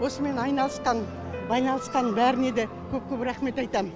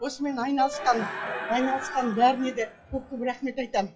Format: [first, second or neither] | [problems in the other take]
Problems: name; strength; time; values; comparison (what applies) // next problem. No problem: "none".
first | noise reduction (classical method WPE with log-MMSE)